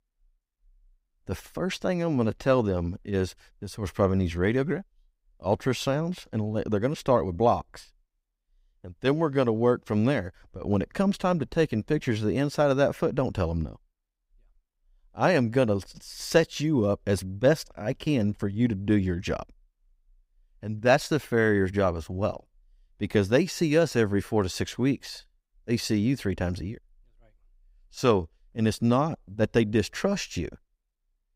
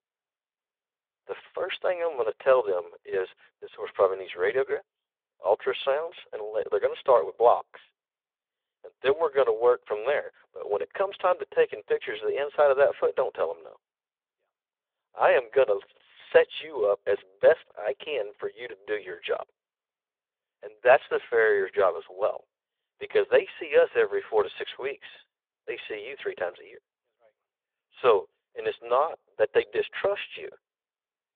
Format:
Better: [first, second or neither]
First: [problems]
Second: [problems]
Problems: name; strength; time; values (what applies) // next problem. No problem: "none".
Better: first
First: none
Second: phone-call audio